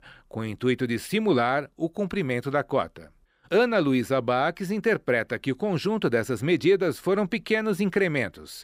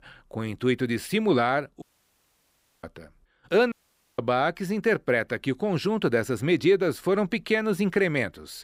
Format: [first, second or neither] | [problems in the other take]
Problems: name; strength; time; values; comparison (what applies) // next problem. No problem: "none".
first | audio cutting out; at 2 s for 1 s and at 3.5 s